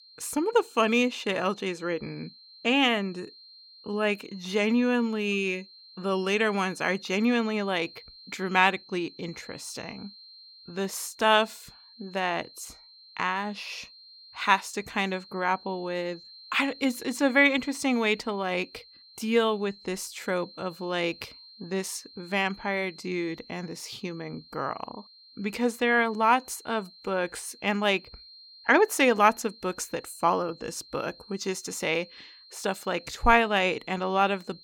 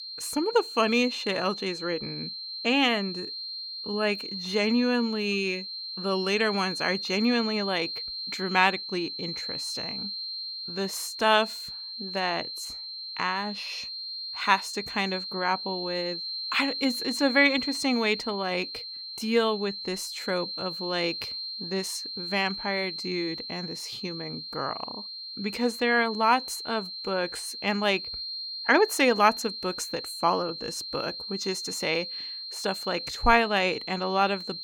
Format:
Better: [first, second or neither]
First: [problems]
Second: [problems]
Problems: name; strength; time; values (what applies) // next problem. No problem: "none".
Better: first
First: high-pitched whine; faint; throughout; 4 kHz, 20 dB below the speech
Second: high-pitched whine; loud; throughout; 4 kHz, 6 dB below the speech